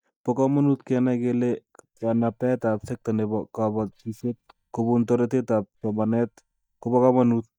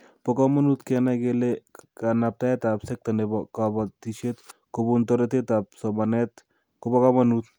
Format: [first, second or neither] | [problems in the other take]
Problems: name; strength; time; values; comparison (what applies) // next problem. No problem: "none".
second | noise reduction (neural mask model DeepFilterNet 3)